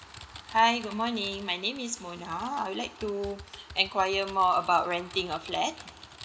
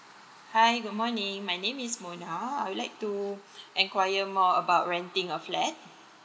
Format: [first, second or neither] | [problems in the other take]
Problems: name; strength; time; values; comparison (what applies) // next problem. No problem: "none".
second | background sound (Typing); 19 dB below the speech